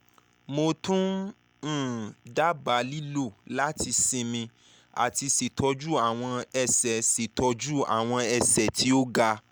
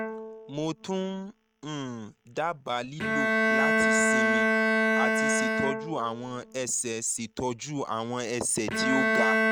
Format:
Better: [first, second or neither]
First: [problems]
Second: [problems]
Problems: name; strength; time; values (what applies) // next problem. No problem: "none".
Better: first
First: none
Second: noise reduction (neural mask model RNNoise)